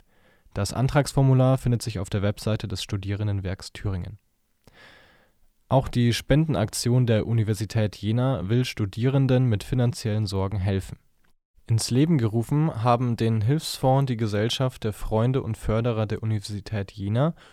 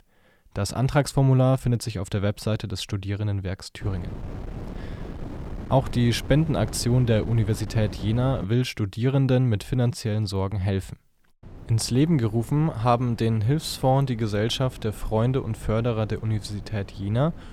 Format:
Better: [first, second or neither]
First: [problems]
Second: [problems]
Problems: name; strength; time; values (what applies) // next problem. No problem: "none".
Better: first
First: none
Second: wind noise on the microphone; occasional gusts; from 4 to 8.5 s and from 11 s on; 15 dB below the speech